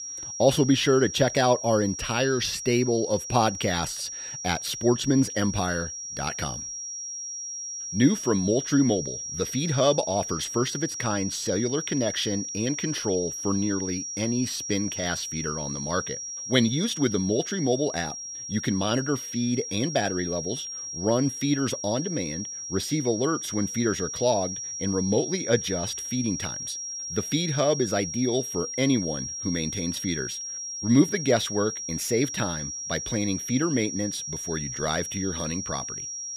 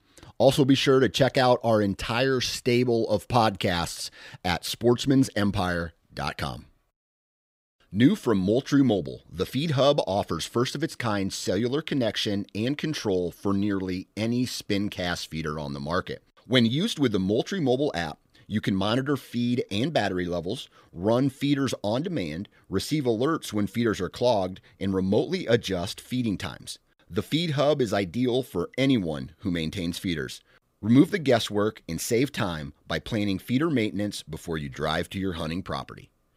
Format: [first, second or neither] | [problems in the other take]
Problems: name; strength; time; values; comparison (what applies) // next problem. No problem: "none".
second | high-pitched whine; loud; throughout; 5.5 kHz, 6 dB below the speech